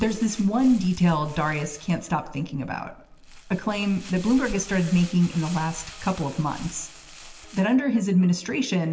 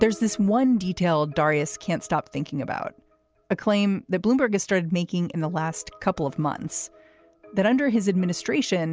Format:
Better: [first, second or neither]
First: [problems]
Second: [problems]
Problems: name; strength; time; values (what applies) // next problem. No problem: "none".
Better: second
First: background sound (Crumpling, crinkling); 17 dB below the speech // room echo; dies away in 0.8 s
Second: none